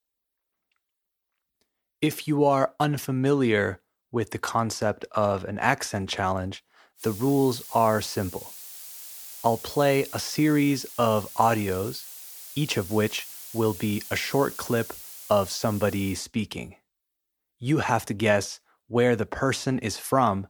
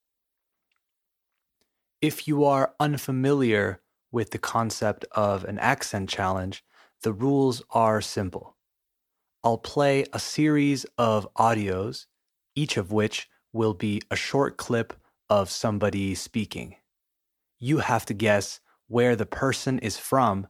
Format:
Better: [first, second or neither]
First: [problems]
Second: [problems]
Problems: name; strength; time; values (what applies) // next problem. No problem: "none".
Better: second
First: hiss; noticeable; from 7 to 16 s; 15 dB below the speech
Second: none